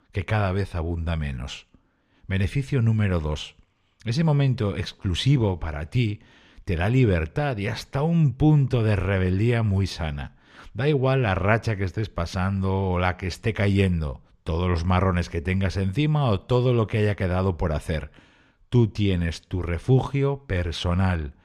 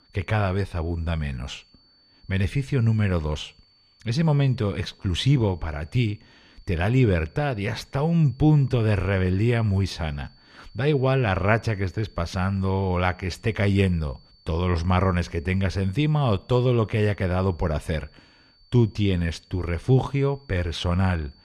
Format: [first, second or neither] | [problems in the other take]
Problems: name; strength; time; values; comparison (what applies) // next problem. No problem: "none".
first | high-pitched whine; faint; throughout; 4.5 kHz, 30 dB below the speech